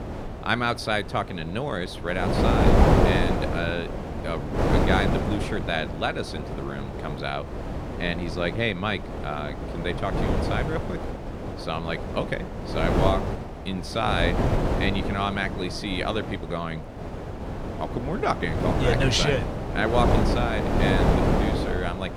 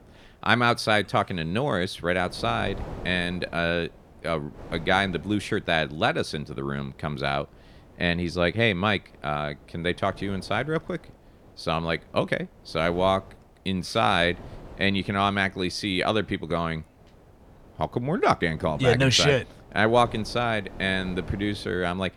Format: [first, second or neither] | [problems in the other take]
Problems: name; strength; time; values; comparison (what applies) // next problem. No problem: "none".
second | wind noise on the microphone; heavy; 2 dB below the speech; occasional gusts in the second